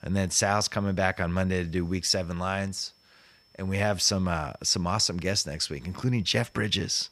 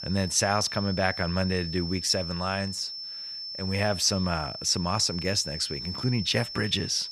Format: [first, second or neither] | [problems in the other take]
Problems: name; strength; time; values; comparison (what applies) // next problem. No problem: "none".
first | high-pitched whine; loud; throughout; 5.5 kHz, 7 dB below the speech; faint in the first